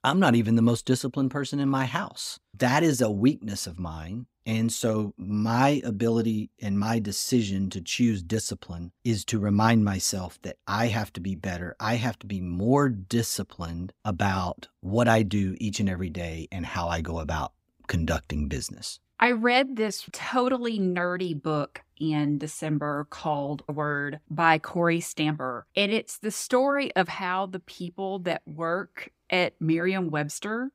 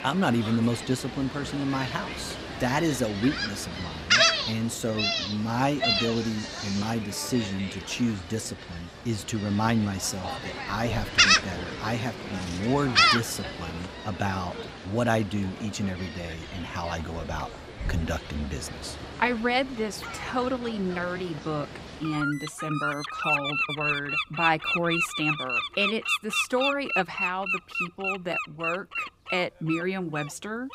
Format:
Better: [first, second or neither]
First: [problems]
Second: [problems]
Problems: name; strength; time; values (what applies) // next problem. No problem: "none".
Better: first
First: none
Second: animal sounds; very loud; throughout; 2 dB above the speech